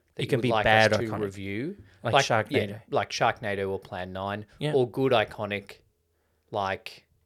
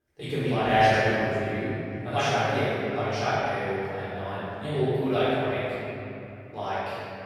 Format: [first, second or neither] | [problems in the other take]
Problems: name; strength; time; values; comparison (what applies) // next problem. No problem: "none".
first | off-mic speech; far // room echo; strong; dies away in 2.9 s